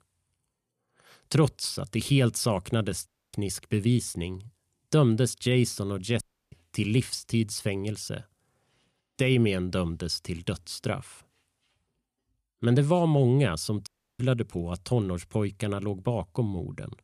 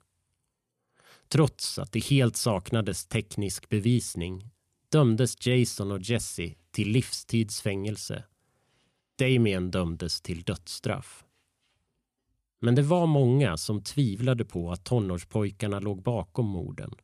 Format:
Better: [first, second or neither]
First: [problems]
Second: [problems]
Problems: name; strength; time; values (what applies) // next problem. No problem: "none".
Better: second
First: audio cutting out; at 3 s, at 6 s and at 14 s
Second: none